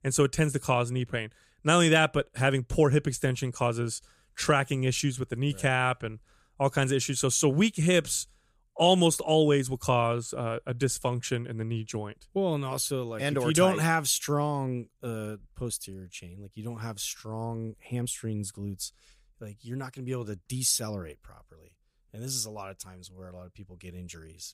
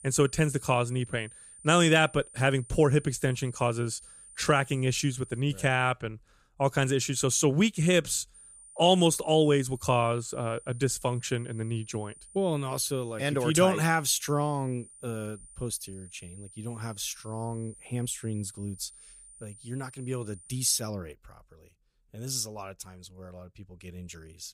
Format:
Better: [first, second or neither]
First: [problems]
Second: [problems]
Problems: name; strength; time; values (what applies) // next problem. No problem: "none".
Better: first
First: none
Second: high-pitched whine; faint; until 5.5 s and from 8.5 to 21 s; 9 kHz, 20 dB below the speech